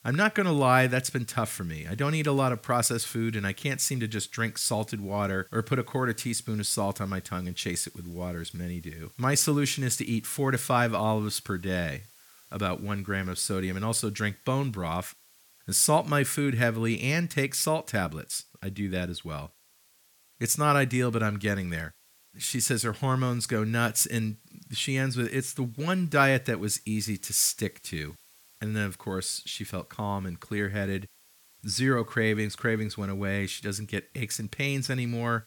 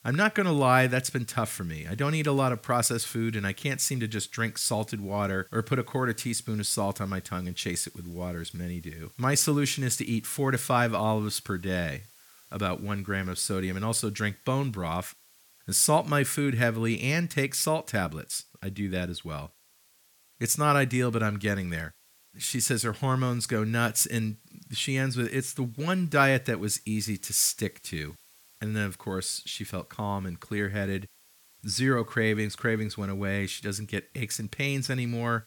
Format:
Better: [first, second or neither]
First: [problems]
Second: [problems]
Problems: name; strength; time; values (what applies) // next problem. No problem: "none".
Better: neither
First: hiss; faint; throughout; 25 dB below the speech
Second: hiss; faint; throughout; 25 dB below the speech